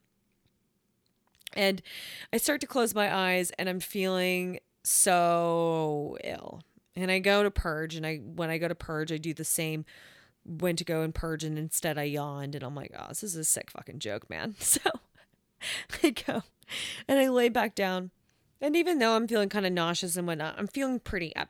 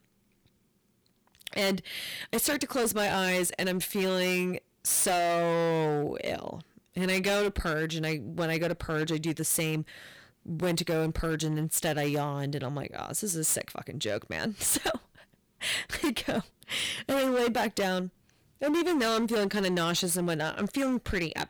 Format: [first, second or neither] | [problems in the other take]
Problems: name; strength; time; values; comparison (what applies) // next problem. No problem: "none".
first | distortion; heavy; 15% of the sound clipped